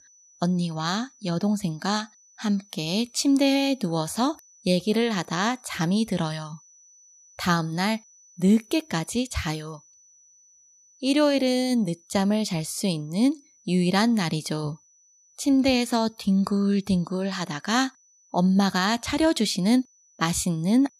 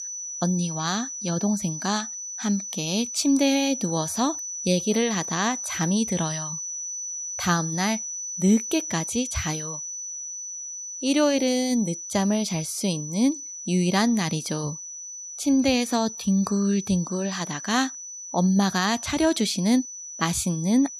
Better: first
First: high-pitched whine; faint; throughout; 6 kHz, 30 dB below the speech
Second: high-pitched whine; loud; throughout; 6 kHz, 7 dB below the speech

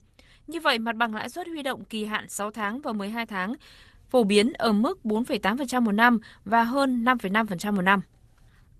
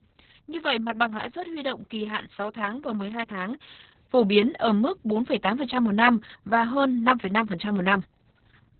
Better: first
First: garbled, watery; slightly; nothing above 13.5 kHz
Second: garbled, watery; badly; nothing above 4 kHz

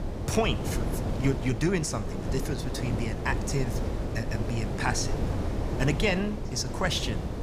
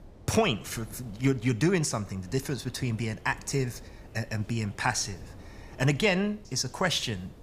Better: second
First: wind noise on the microphone; heavy; 6 dB below the speech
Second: wind noise on the microphone; occasional gusts; 25 dB below the speech

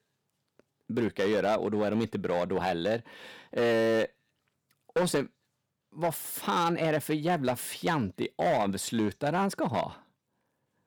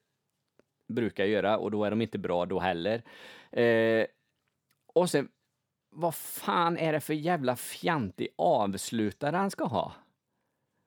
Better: second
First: distortion; slight; 6% of the sound clipped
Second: none

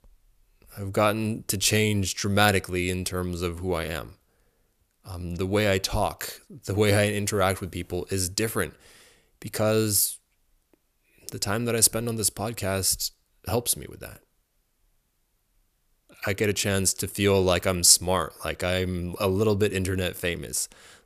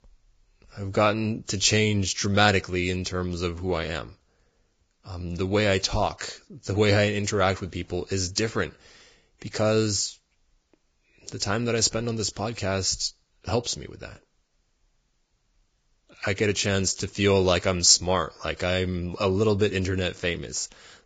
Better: first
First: none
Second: garbled, watery; badly; nothing above 7.5 kHz

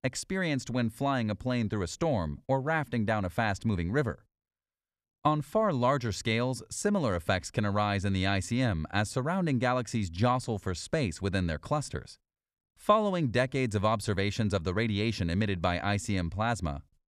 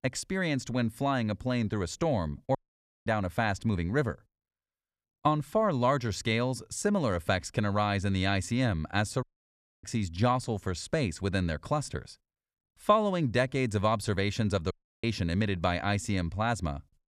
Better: first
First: none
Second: audio cutting out; at 2.5 s for 0.5 s, at 9 s for 0.5 s and at 15 s

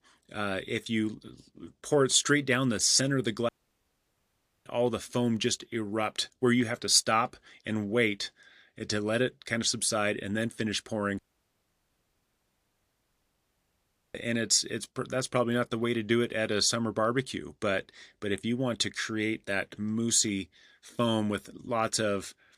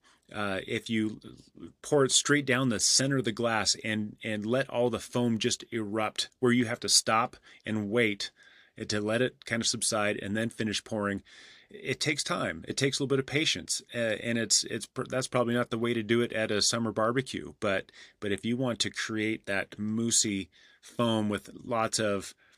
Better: second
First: audio cutting out; at 3.5 s for 1 s and at 11 s for 3 s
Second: none

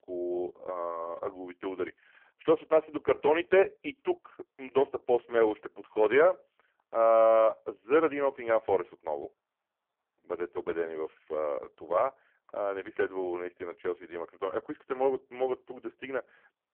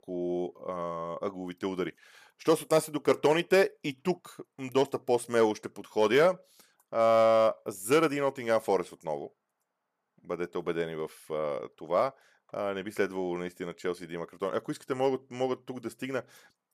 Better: second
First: phone-call audio; poor line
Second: none

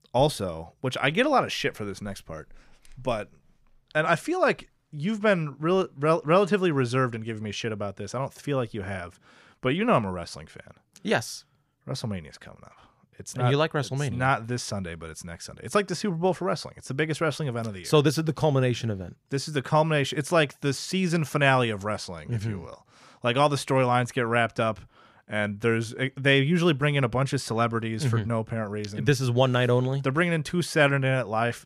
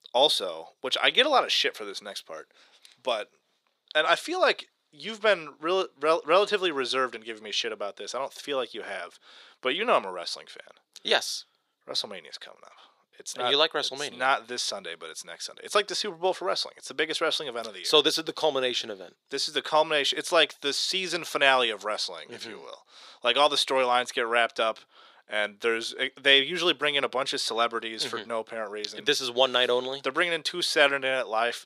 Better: first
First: none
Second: thin; very; fading below 400 Hz

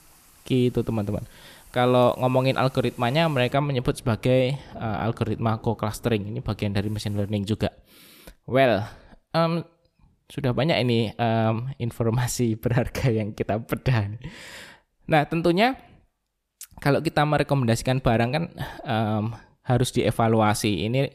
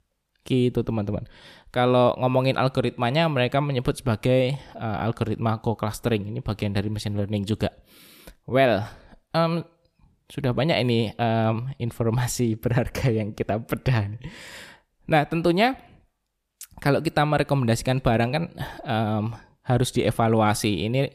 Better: second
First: rain or running water; faint; until 7.5 s; 25 dB below the speech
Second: none

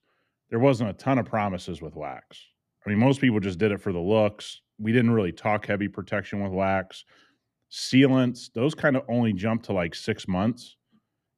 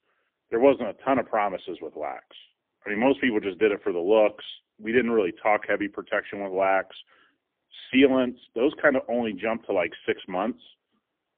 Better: first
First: none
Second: phone-call audio; poor line; nothing above 3.5 kHz

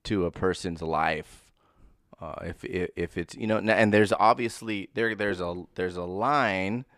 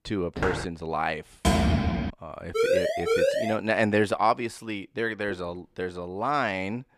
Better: first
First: none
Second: footsteps; noticeable; at 0.5 s; peak 2 dB below the speech // door banging; loud; at 1.5 s; peak 6 dB above the speech // siren; loud; from 2.5 to 3.5 s; peak 5 dB above the speech

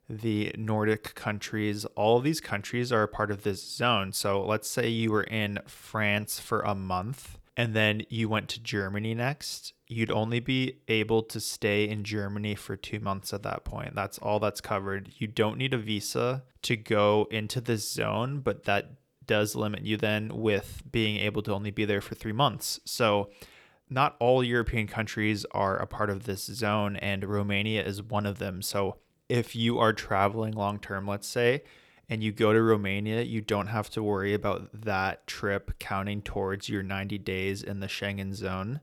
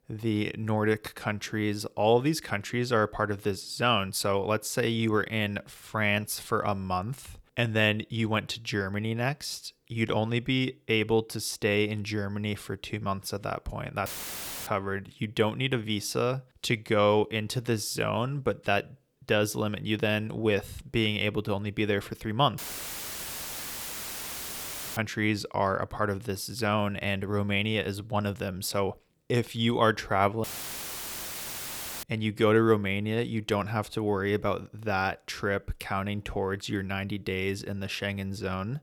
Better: first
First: none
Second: audio cutting out; filled with static; at 14 s for 0.5 s, at 23 s for 2.5 s and at 30 s for 1.5 s

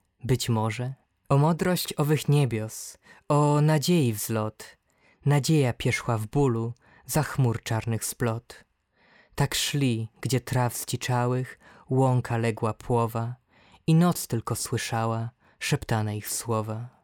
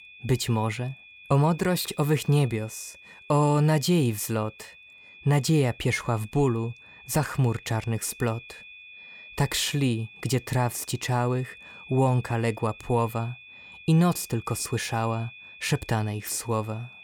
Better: first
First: none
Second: high-pitched whine; noticeable; throughout; 2.5 kHz, 20 dB below the speech

